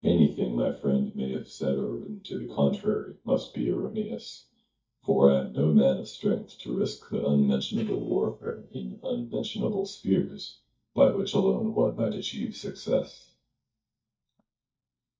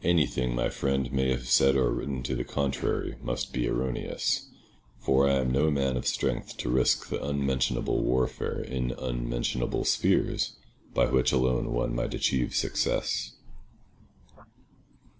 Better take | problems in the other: second | noise reduction (neural mask model DeepFilterNet 3)

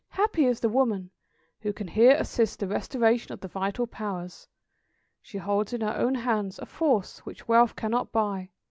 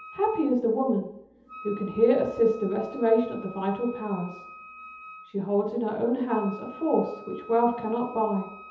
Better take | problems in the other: first | background sound (Wind instrument, woodwind instrument); 19 dB below the speech // room echo; dies away in 0.8 s

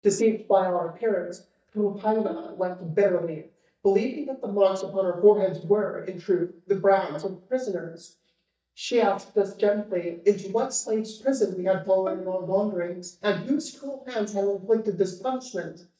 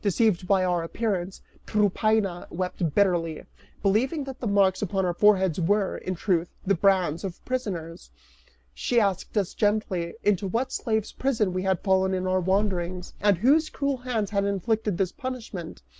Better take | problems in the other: second | noise reduction (neural mask model DeepFilterNet 3)

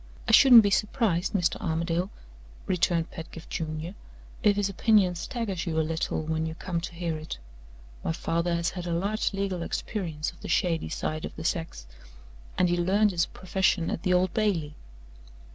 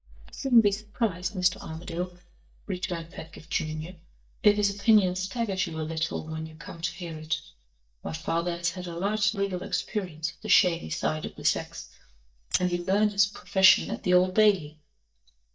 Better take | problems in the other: first | noise reduction (neural mask model DeepFilterNet 3)

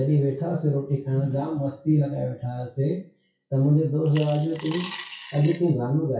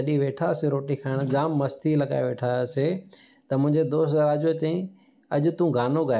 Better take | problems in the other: second | noise reduction (classical method WPE with log-MMSE)

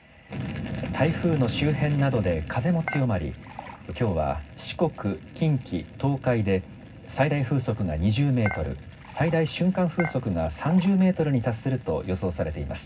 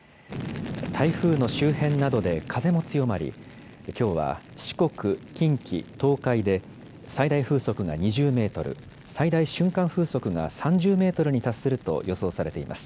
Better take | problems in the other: second | background sound (Dishes, pots, and pans / Chink, clink); 14 dB below the speech // room echo; dies away in 0.4 s

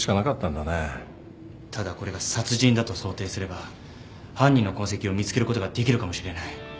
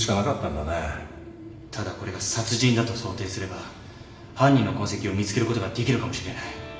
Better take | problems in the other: first | room echo; dies away in 1.1 s

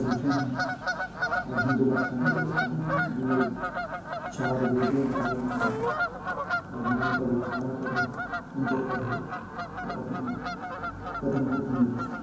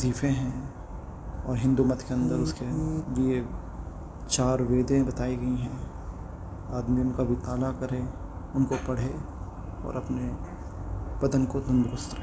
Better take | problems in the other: second | background sound (Bird vocalization, bird call, bird song / Fowl); 3 dB below the speech // room echo; dies away in 0.9 s

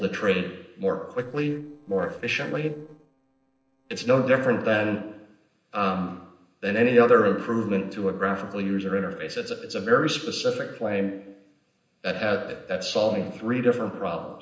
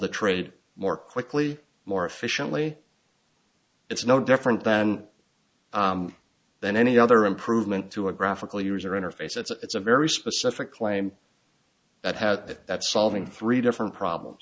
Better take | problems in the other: second | noise reduction (neural separator model SepFormer DNS4)

